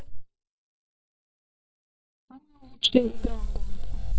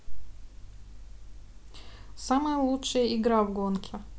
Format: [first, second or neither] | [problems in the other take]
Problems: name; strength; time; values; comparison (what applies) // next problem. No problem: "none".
second | noise reduction (neural mask model DeepFilterNet 3)